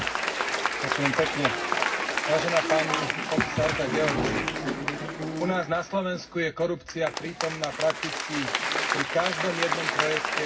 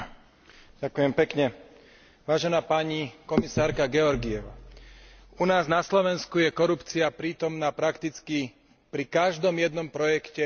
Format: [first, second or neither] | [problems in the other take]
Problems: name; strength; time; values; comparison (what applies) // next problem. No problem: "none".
second | background sound (Applause / Crowd); 1 dB above the speech // room echo; dies away in 0.4 s